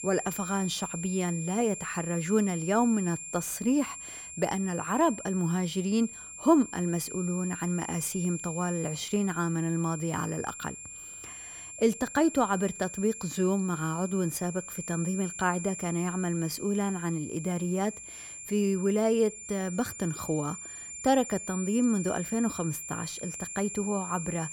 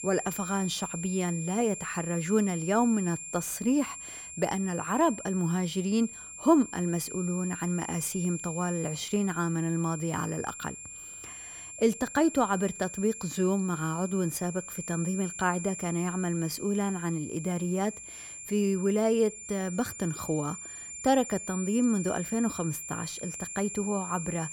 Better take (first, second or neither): neither